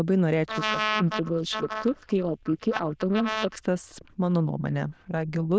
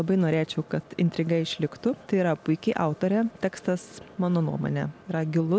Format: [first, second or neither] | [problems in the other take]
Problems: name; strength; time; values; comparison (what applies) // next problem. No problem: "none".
second | noise reduction (neural diffusion model UNIVERSE++)